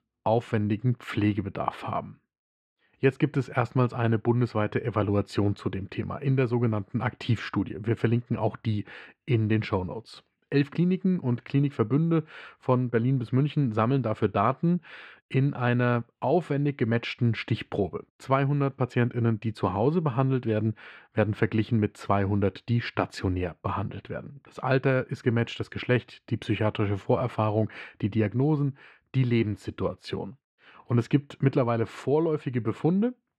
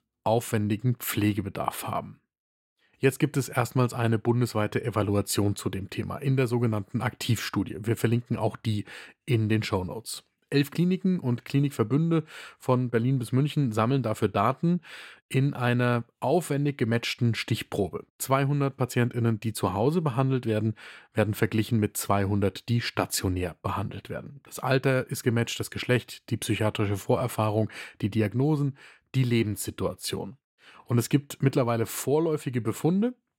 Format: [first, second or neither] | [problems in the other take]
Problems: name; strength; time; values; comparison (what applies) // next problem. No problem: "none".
second | muffled; slightly; fading above 3 kHz